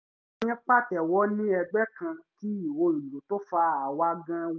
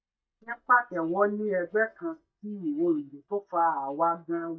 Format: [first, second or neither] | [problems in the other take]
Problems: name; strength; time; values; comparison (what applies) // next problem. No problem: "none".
first | noise reduction (neural mask model DeepFilterNet 3)